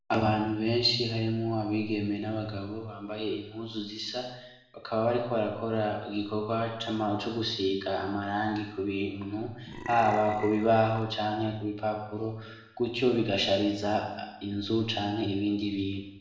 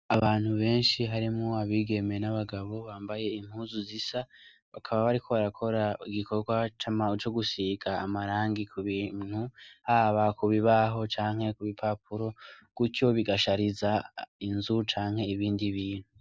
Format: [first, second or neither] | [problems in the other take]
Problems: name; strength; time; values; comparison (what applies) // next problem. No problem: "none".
second | background sound (Burping, eructation); 12 dB below the speech // room echo; dies away in 0.9 s